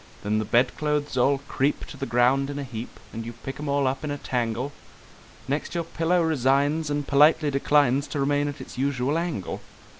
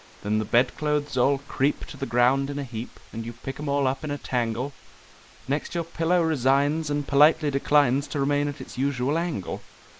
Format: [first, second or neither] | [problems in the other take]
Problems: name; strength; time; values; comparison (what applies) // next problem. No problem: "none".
first | noise reduction (neural mask model Resemble Enhance denoiser)